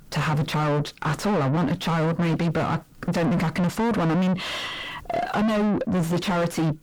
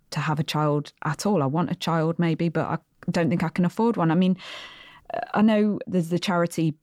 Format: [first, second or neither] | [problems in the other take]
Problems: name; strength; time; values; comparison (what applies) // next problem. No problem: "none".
second | distortion; heavy; 6 dB below the speech